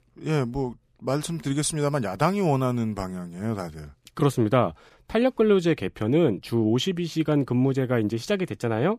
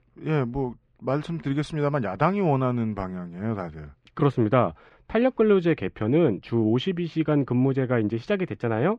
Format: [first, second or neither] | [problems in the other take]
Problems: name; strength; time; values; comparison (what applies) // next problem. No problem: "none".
first | muffled; slightly; fading above 2 kHz